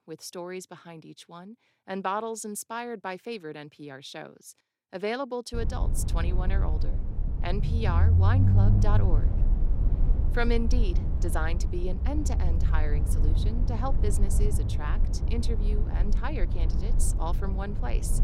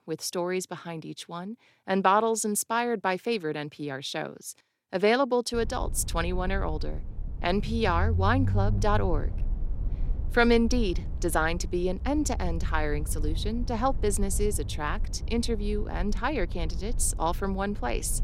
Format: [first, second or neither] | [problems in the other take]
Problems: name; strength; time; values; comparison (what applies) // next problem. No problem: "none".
second | low rumble; loud; from 5.5 s on; 7 dB below the speech; faint in the second